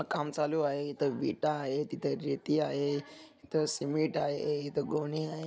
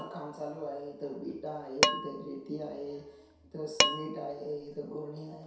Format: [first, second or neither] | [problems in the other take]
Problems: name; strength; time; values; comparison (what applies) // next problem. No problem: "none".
first | background sound (Dishes, pots, and pans); 4 dB above the speech // room echo; dies away in 0.7 s